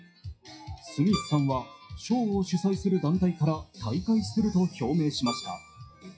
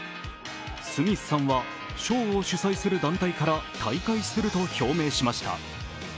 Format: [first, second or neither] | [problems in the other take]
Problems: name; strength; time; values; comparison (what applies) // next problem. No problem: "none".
second | noise reduction (classical method WPE with log-MMSE)